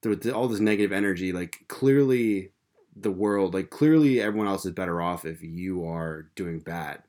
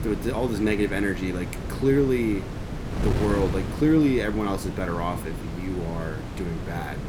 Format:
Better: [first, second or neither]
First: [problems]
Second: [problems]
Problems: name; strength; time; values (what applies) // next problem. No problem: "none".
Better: first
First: none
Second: wind noise on the microphone; heavy; 9 dB below the speech